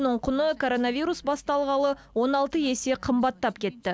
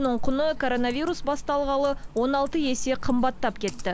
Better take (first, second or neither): first